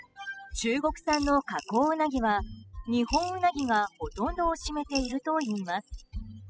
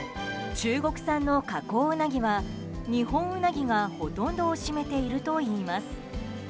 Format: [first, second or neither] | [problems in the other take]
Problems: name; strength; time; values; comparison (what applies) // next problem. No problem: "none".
second | noise reduction (classical method spectral subtraction)